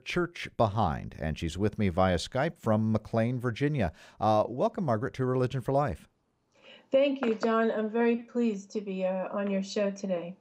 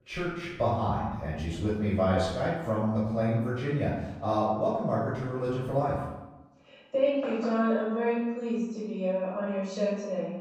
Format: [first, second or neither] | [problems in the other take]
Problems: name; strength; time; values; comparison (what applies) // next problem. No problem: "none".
first | off-mic speech; far // room echo; strong; dies away in 0.9 s